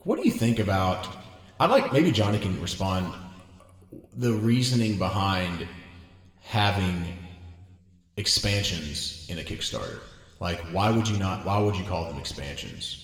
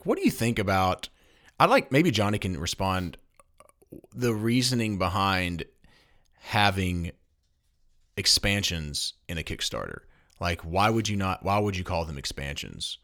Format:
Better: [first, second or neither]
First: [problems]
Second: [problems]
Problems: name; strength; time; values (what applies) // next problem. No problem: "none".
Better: second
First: room echo; slight; dies away in 1.6 s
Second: none